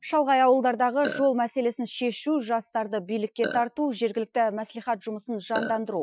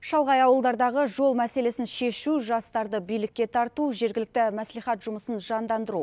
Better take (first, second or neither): second